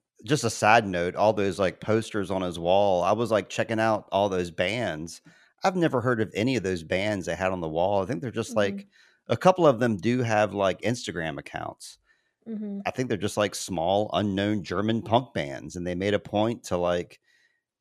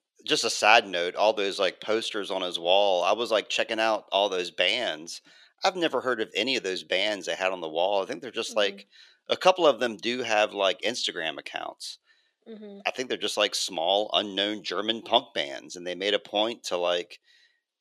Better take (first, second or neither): first